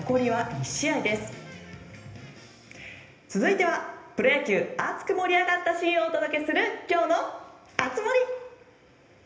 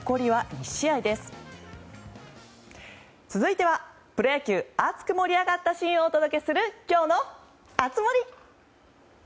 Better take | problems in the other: second | room echo; dies away in 0.8 s

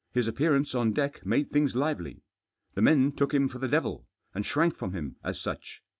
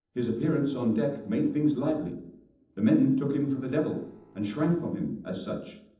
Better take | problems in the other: first | noise reduction (neural separator model SepFormer DNS4)

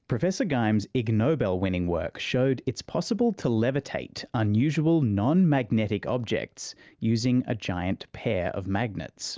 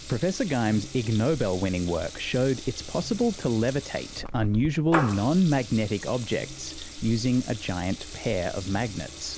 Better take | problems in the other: first | background sound (Water tap, faucet / Liquid); 11 dB below the speech

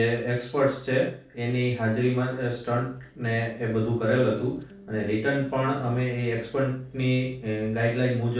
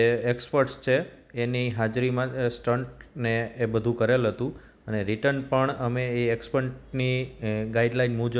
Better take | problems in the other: second | noise reduction (neural separator model SepFormer DNS4)

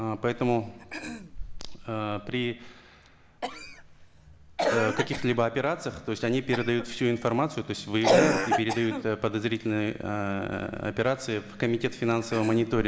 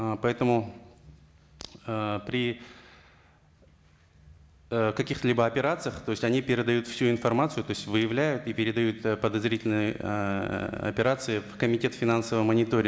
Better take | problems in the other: second | background sound (Cough); 5 dB below the speech

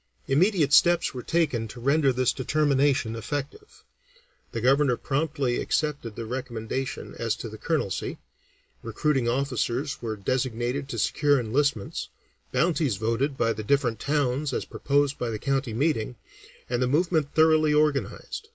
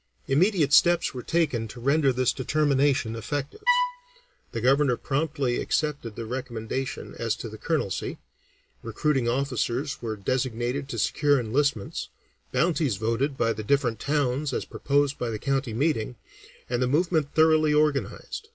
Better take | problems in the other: first | background sound (Bowed string instrument); 2 dB below the speech

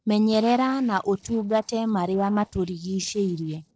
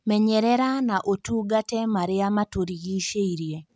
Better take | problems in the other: second | noise reduction (neural separator model SepFormer DNS4)

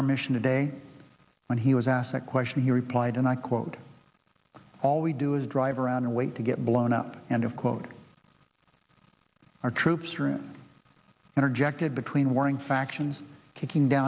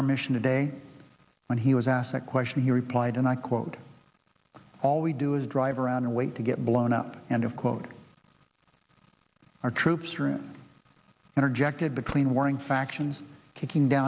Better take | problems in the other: first | background sound (Tools); 12 dB below the speech

